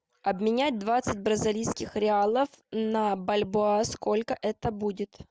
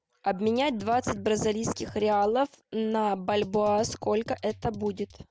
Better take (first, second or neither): first